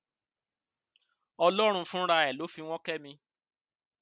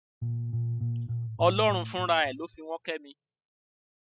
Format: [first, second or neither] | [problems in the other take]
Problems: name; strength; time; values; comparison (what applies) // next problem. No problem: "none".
first | noise reduction (classical method spectral subtraction)